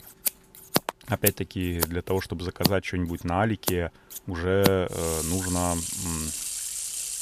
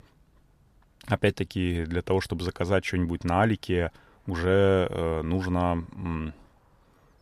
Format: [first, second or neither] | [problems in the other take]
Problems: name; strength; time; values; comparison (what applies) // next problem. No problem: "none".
second | household noises; loud; throughout; 1 dB below the speech